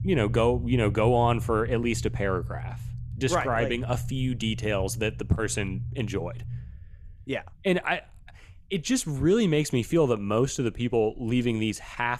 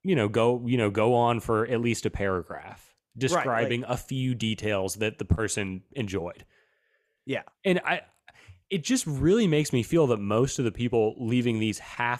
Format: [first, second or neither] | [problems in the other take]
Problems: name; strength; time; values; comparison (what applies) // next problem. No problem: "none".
second | low rumble; noticeable; throughout; 20 dB below the speech